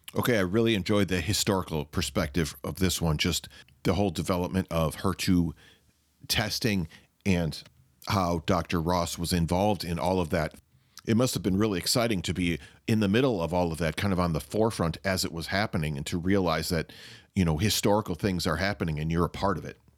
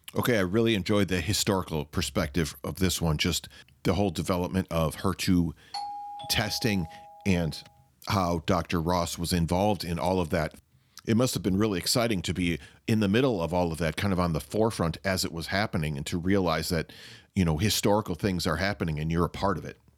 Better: first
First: none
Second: doorbell; noticeable; from 5.5 to 7.5 s; peak 8 dB below the speech

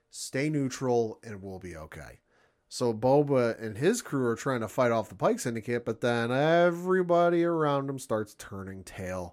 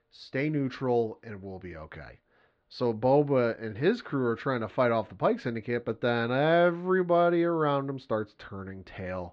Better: first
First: none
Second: muffled; slightly; fading above 4 kHz

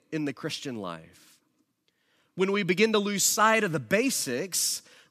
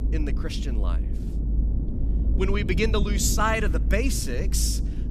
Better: first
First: none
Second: low rumble; noticeable; throughout; 15 dB below the speech

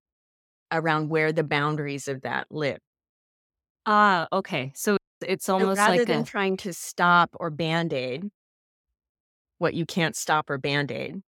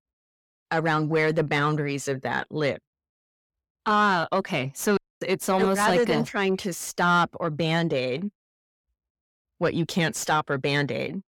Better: first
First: none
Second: distortion; slight; 10 dB below the speech

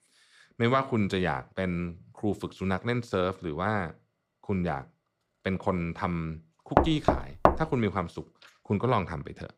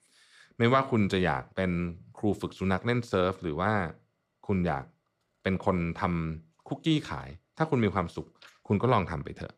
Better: second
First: door banging; loud; at 7 s; peak 5 dB above the speech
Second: none

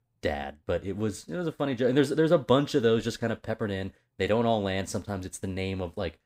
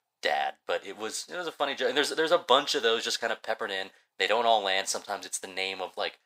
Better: first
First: none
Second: thin; very; fading below 750 Hz

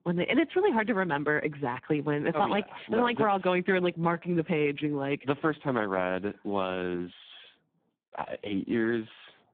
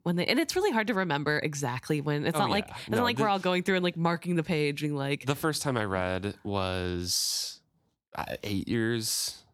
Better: second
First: phone-call audio; poor line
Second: none

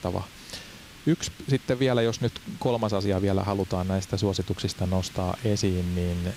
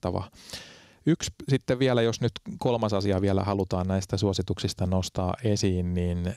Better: second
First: hiss; noticeable; throughout; 20 dB below the speech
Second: none

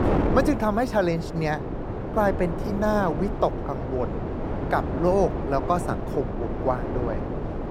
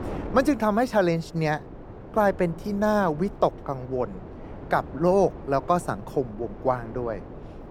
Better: second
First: wind noise on the microphone; heavy; 6 dB below the speech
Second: wind noise on the microphone; occasional gusts; 20 dB below the speech

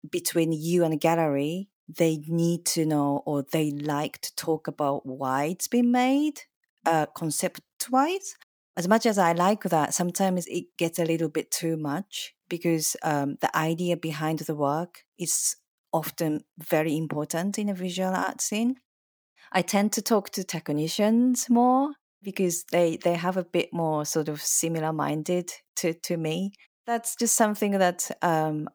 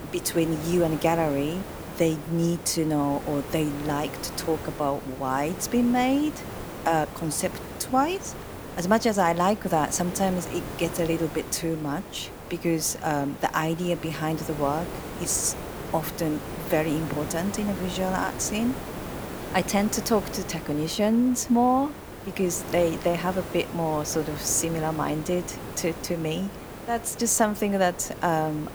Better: first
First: none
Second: hiss; noticeable; throughout; 10 dB below the speech

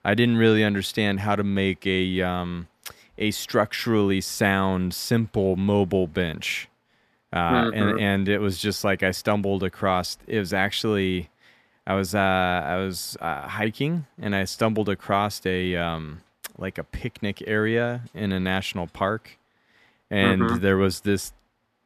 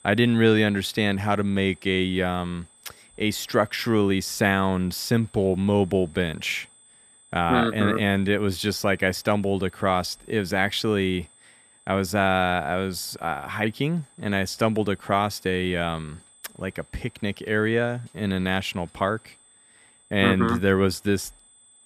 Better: first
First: none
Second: high-pitched whine; faint; throughout; 8 kHz, 30 dB below the speech

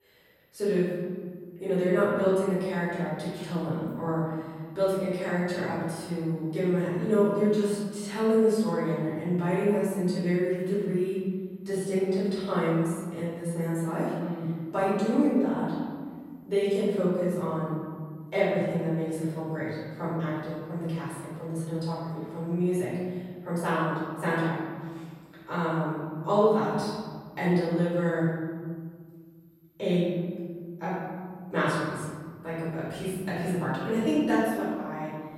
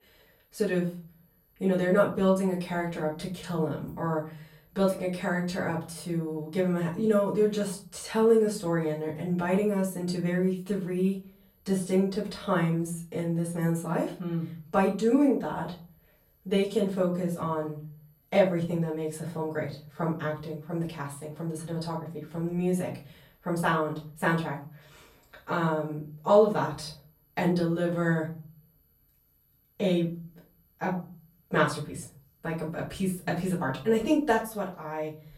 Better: second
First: room echo; strong; dies away in 1.8 s // off-mic speech; far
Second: room echo; slight; dies away in 0.4 s // off-mic speech; far

